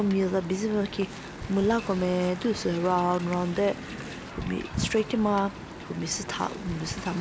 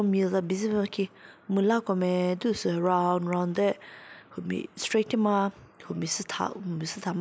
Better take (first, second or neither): second